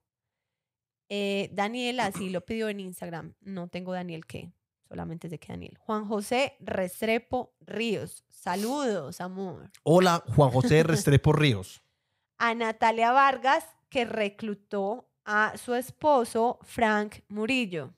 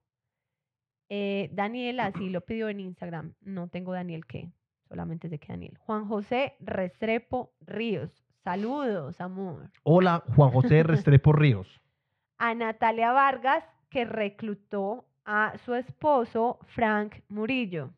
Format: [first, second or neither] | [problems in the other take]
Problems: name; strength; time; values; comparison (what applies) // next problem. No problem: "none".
first | muffled; very; fading above 3 kHz